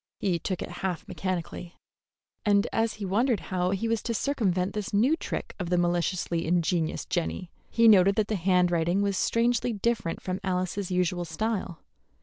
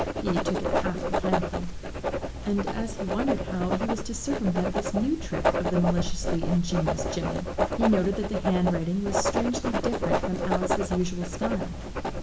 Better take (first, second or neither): first